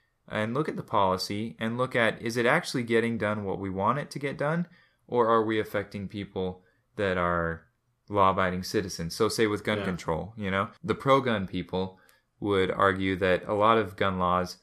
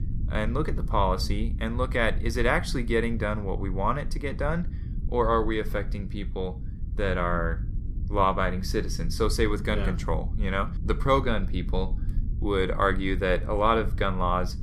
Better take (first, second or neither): first